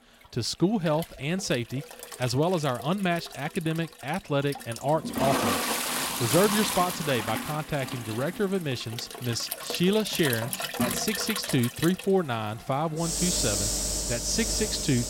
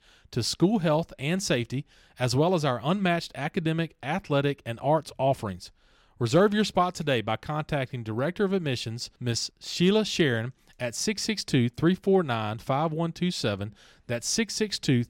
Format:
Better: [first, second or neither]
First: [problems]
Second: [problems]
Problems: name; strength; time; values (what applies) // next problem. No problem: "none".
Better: second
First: household noises; loud; throughout; 1 dB below the speech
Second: none